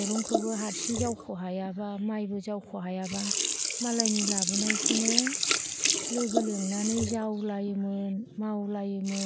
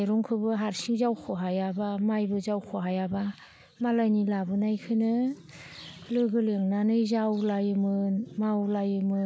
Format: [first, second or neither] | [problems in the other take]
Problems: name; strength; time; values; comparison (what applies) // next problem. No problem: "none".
second | background sound (Sink (filling or washing)); as loud as the speech